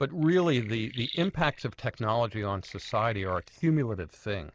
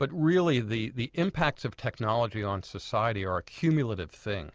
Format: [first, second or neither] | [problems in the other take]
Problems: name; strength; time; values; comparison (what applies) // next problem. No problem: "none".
second | noise reduction (neural mask model DeepFilterNet 3)